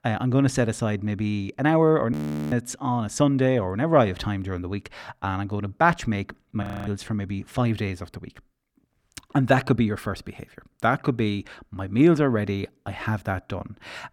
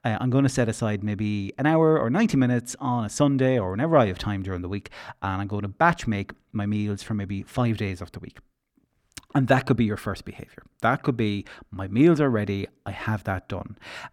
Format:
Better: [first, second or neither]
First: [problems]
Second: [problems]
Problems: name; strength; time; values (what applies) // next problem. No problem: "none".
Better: second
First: audio freezing; at 2 s and at 6.5 s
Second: none